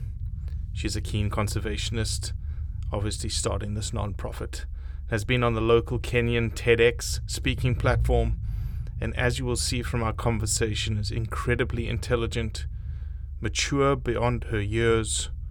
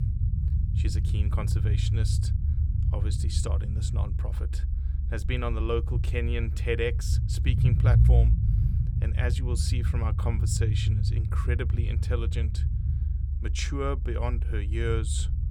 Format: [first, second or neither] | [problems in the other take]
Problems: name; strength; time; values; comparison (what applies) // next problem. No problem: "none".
first | low rumble; loud; throughout; 6 dB below the speech; faint in the first